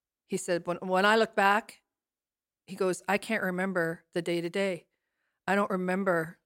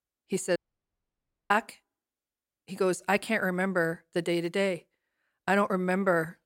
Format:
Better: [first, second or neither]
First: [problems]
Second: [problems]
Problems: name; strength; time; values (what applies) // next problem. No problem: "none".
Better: first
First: none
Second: audio cutting out; at 0.5 s for 1 s